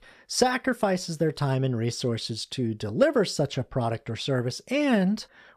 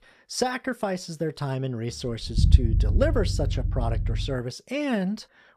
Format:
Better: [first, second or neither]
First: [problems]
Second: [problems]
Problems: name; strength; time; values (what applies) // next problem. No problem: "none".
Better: first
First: none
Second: low rumble; noticeable; from 1.5 to 4.5 s; 10 dB below the speech